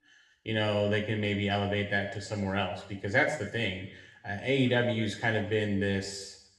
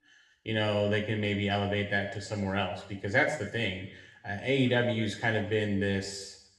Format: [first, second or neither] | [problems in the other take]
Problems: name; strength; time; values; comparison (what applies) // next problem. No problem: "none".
neither | room echo; slight; dies away in 0.8 s; the same in both